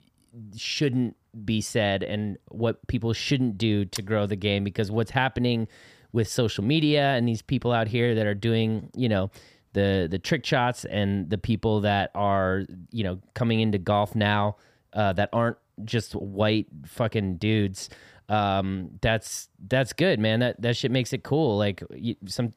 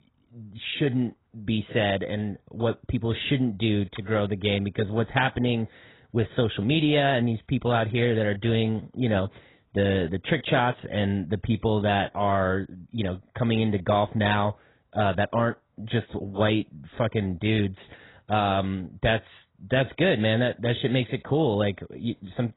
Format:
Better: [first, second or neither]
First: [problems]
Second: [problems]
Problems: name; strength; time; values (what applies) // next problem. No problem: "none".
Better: first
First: none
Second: garbled, watery; badly; nothing above 4 kHz